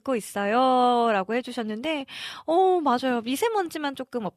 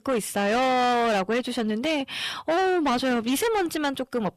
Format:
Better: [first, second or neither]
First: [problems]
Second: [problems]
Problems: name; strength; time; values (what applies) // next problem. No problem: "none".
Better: first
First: none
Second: distortion; heavy; 6 dB below the speech